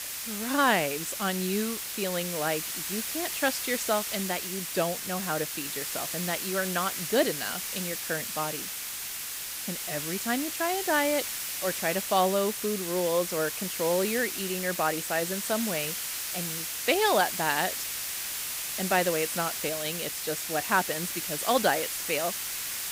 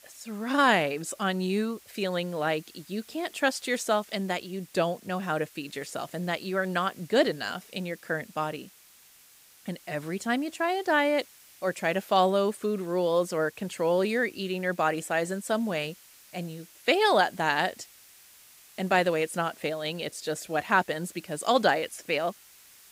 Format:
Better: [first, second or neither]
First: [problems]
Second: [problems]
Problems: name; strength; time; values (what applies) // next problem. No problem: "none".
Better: second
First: hiss; loud; throughout; 2 dB below the speech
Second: hiss; faint; throughout; 25 dB below the speech